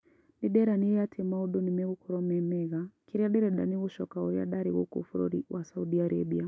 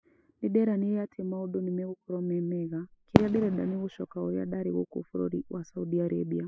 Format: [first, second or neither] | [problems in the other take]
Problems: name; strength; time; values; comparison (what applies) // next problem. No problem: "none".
first | noise reduction (classical method spectral subtraction)